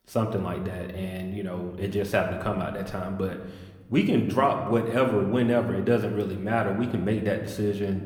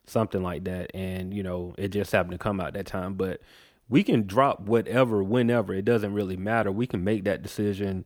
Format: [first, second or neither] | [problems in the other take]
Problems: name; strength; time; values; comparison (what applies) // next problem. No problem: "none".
second | room echo; slight; dies away in 1 s